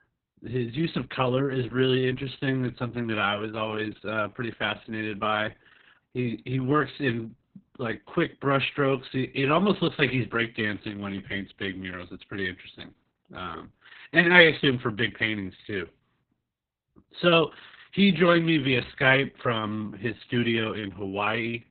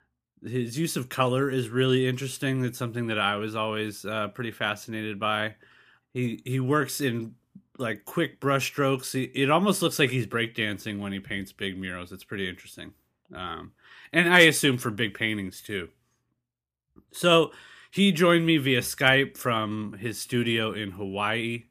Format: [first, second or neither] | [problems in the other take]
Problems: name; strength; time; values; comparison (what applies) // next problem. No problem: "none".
second | garbled, watery; badly; nothing above 3.5 kHz